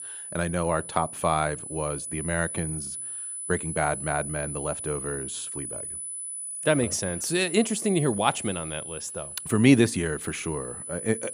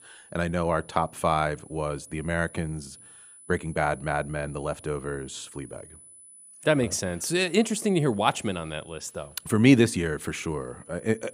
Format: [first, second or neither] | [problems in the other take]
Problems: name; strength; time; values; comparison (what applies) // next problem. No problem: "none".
second | high-pitched whine; loud; throughout; 10 kHz, 6 dB below the speech; faint in the second